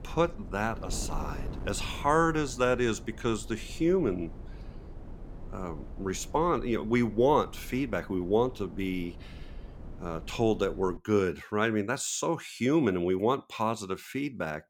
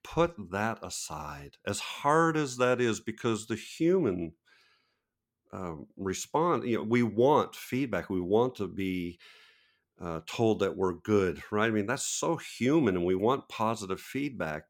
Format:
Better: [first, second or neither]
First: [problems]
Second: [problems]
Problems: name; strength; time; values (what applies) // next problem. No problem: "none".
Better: second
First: wind noise on the microphone; occasional gusts; until 11 s; 20 dB below the speech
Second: none